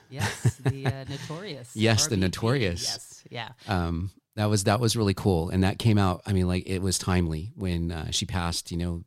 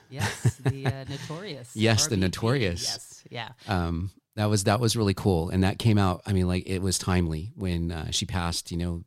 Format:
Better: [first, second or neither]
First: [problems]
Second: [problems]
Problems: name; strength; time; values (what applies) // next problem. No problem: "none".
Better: neither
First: none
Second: none